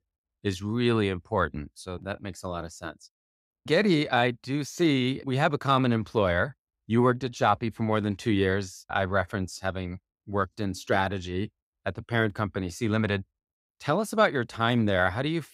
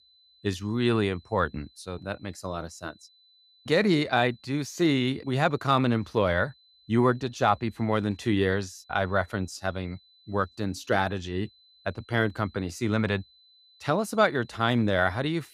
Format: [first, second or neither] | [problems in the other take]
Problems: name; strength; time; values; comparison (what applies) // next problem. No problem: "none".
first | high-pitched whine; faint; throughout; 4 kHz, 30 dB below the speech